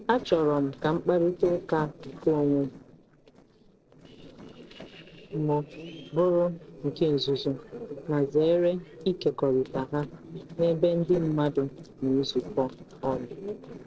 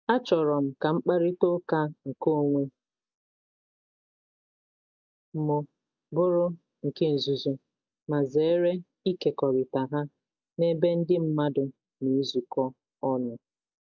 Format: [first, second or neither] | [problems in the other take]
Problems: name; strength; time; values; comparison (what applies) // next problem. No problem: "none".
second | noise reduction (neural separator model SepFormer DNS4)